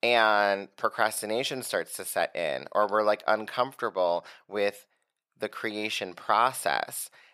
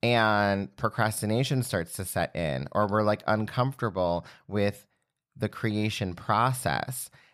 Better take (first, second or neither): second